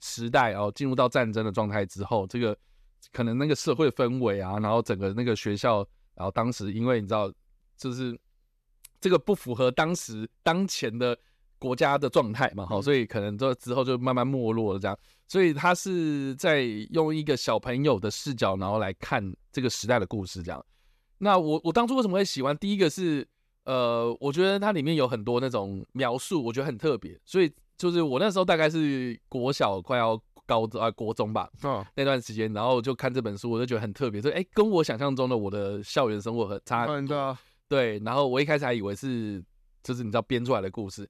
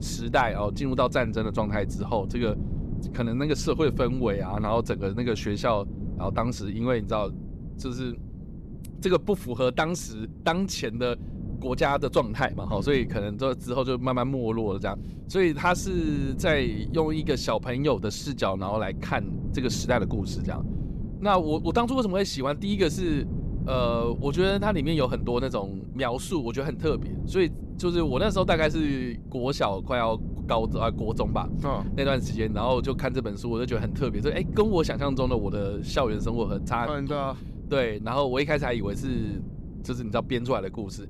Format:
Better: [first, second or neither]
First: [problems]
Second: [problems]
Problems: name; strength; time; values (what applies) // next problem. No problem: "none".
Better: first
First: none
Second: wind noise on the microphone; occasional gusts; 15 dB below the speech